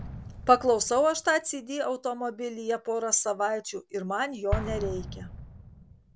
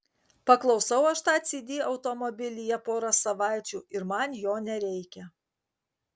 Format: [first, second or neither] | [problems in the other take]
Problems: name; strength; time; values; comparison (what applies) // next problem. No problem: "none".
second | background sound (Explosion); 12 dB below the speech